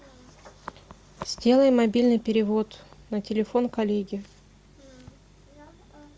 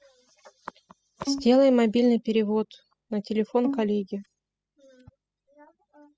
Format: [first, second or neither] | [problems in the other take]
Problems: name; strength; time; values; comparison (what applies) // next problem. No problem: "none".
first | noise reduction (classical method spectral subtraction)